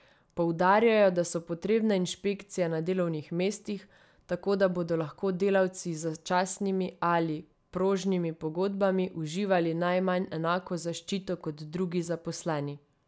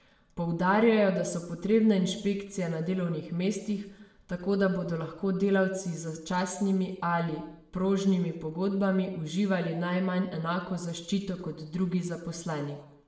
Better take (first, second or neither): first